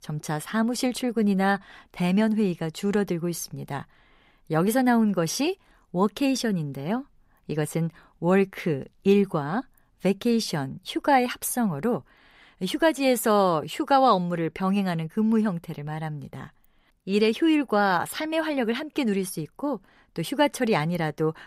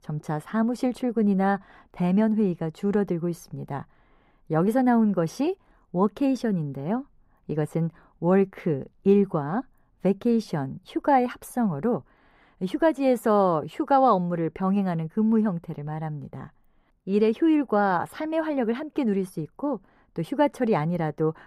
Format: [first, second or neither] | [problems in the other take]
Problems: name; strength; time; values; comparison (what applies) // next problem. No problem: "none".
first | muffled; slightly; fading above 2 kHz